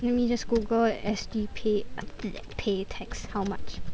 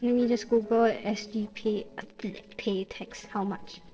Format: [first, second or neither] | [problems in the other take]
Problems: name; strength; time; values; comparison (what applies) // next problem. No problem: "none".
first | noise reduction (neural separator model SepFormer DNS4)